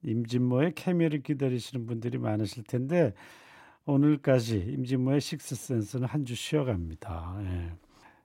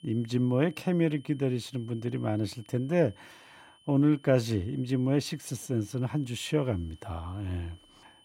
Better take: first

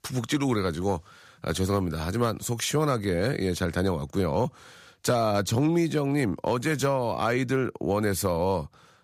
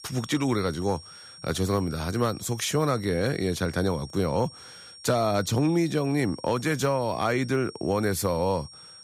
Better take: first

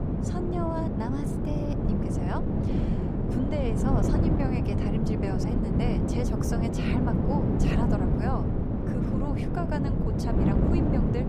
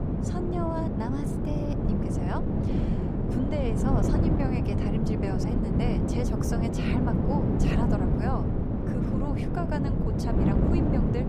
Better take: neither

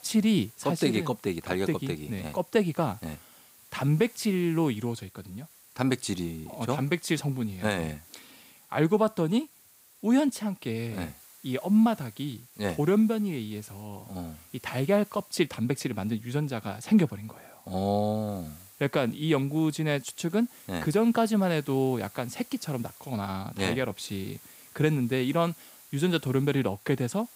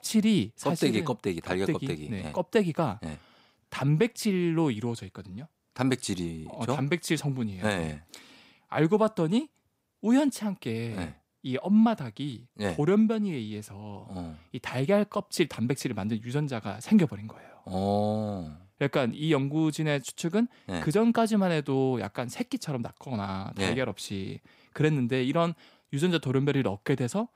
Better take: second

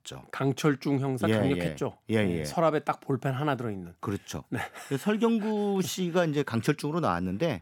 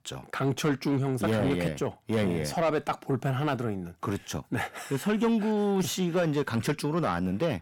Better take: first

